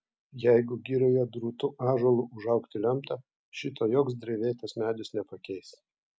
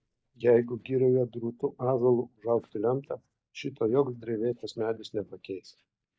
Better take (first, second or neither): first